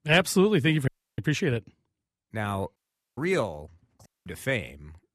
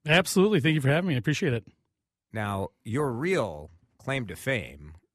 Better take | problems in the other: second | audio cutting out; at 1 s, at 3 s and at 4 s

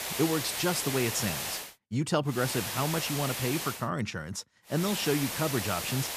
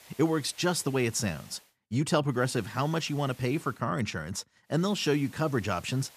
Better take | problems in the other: second | hiss; loud; until 1.5 s, from 2.5 to 4 s and from 5 s on; 2 dB below the speech; faint in the second

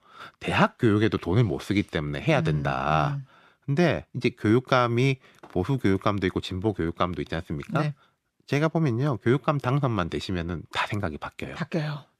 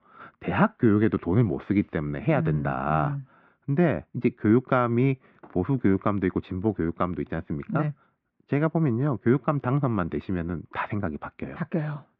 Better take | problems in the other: first | muffled; very; fading above 2 kHz

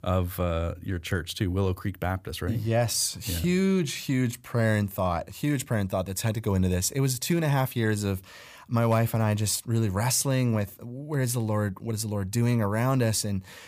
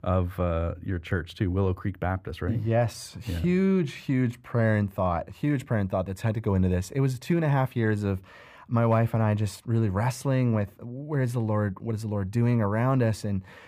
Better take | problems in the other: first | muffled; slightly; fading above 3.5 kHz

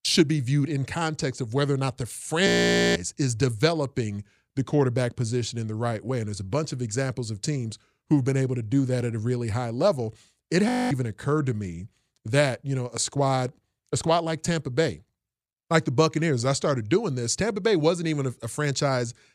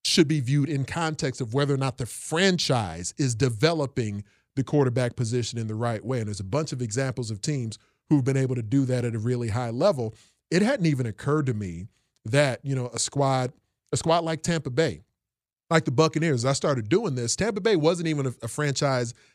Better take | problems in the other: second | audio freezing; at 2.5 s and at 11 s

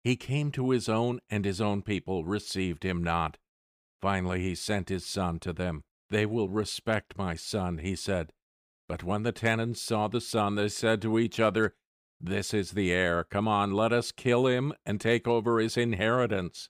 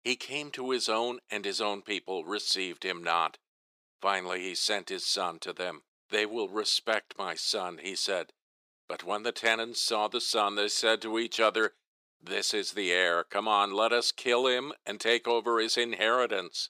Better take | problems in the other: first | thin; very; fading below 350 Hz

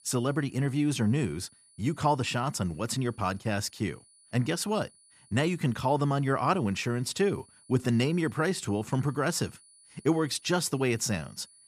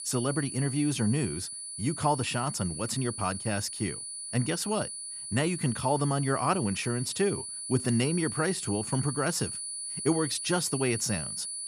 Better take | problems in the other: first | high-pitched whine; loud; throughout; 10 kHz, 5 dB below the speech; faint in the first

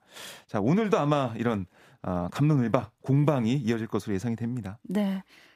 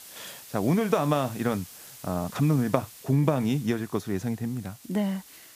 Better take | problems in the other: first | hiss; noticeable; throughout; 20 dB below the speech

